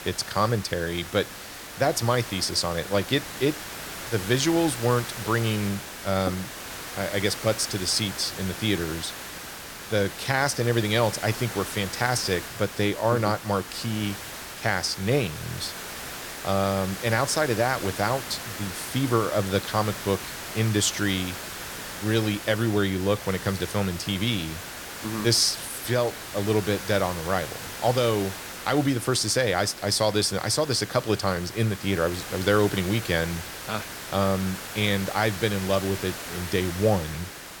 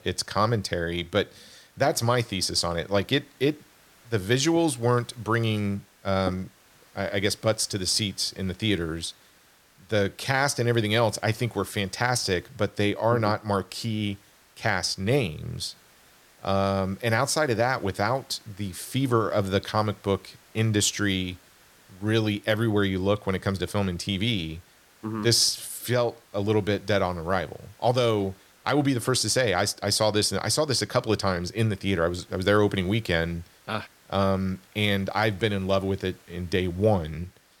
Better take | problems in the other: second | hiss; loud; throughout; 9 dB below the speech; faint in the second

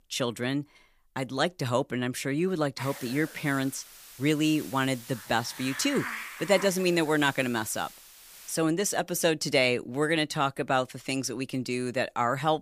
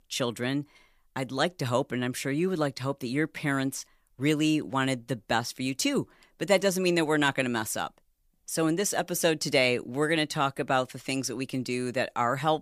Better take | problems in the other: second | hiss; noticeable; from 3 to 8.5 s; 15 dB below the speech

